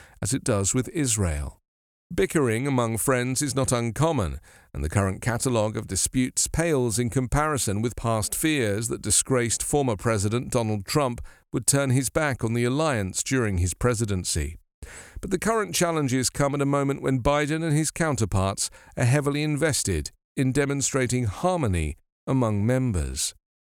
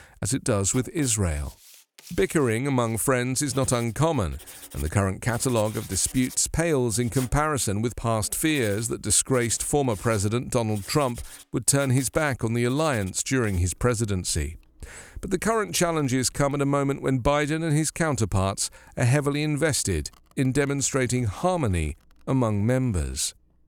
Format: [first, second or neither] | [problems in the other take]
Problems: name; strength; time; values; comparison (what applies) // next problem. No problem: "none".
first | household noises; noticeable; throughout; 20 dB below the speech